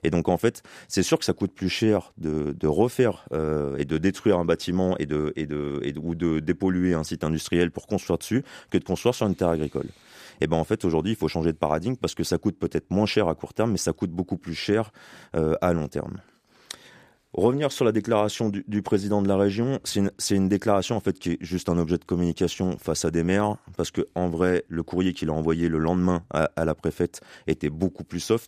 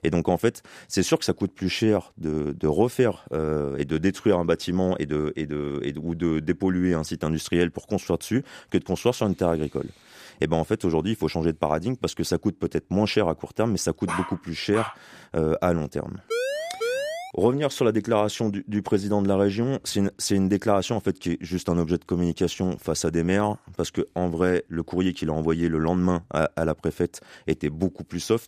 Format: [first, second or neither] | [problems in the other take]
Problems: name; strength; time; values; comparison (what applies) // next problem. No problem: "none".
first | dog barking; noticeable; at 14 s; peak 6 dB below the speech // siren; noticeable; from 16 to 17 s; peak 2 dB below the speech